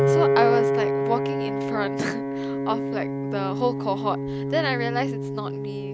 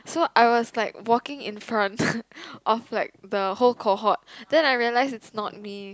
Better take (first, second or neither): second